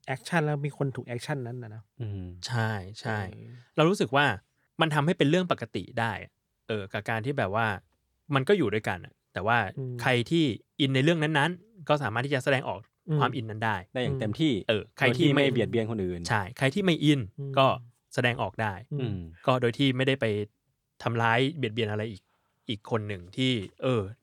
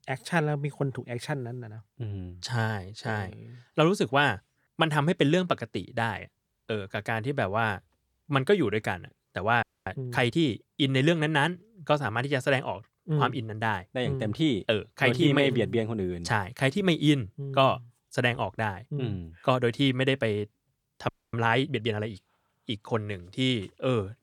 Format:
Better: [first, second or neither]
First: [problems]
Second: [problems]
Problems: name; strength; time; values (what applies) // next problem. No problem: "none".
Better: first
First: none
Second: audio freezing; at 9.5 s and at 21 s